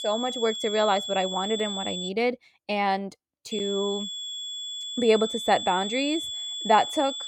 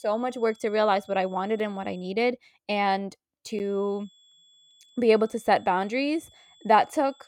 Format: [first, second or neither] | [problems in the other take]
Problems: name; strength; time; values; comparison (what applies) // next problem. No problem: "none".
second | high-pitched whine; loud; until 2 s and from 3.5 s on; 3.5 kHz, 5 dB below the speech; faint in the second